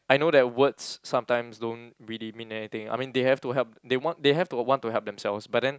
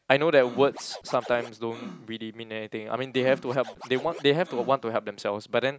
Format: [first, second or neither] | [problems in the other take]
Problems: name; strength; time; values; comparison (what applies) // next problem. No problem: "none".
first | background sound (Scratching (performance technique)); 17 dB below the speech